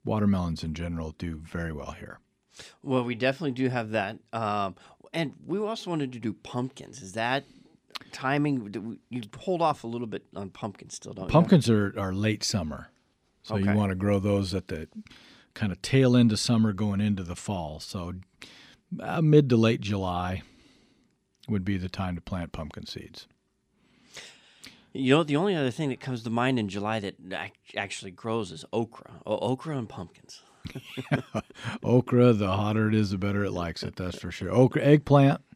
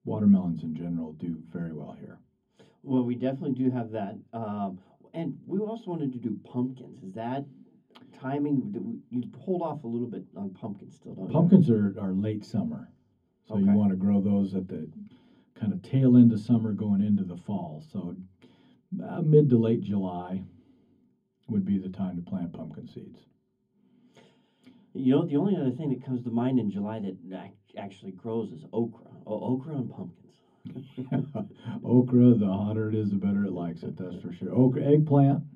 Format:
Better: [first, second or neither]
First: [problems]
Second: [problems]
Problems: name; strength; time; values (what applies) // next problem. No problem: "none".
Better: first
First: none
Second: room echo; very slight; dies away in 0.3 s // off-mic speech; far